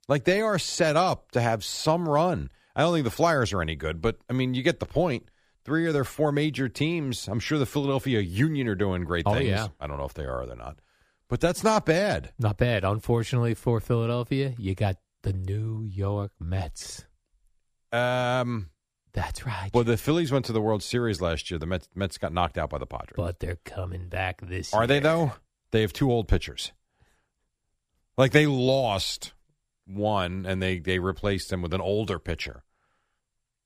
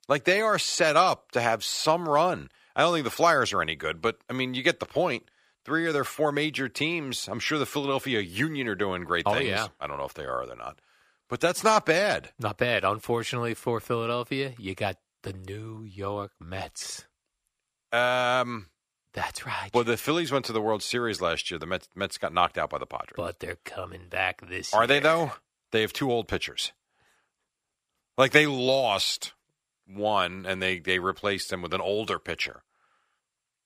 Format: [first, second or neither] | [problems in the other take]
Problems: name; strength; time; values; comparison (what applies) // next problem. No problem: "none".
first | thin; somewhat; fading below 500 Hz